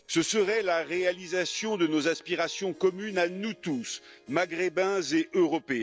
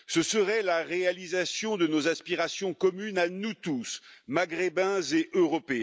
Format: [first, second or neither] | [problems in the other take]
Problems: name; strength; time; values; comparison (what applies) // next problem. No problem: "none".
second | noise reduction (neural separator model SepFormer DNS4)